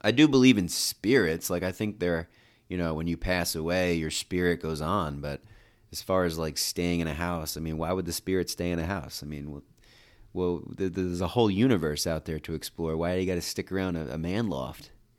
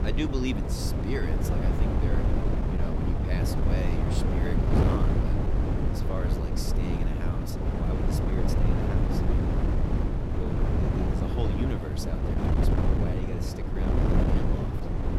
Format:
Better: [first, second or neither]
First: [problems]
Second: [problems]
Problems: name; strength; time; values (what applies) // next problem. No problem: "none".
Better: first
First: none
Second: wind noise on the microphone; heavy; 5 dB above the speech